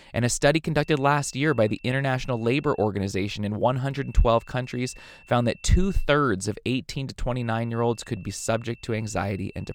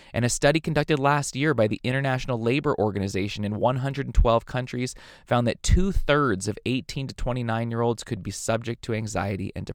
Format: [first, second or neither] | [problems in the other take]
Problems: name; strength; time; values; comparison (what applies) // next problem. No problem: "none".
second | high-pitched whine; faint; from 1 to 3 s, from 4 to 6 s and from 7.5 s on; 2.5 kHz, 25 dB below the speech